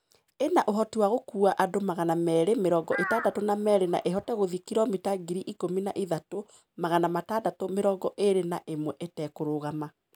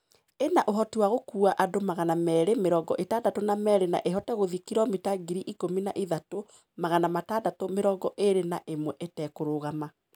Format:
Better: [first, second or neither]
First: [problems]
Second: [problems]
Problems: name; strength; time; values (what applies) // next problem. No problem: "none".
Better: second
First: background sound (Crow); 10 dB below the speech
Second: none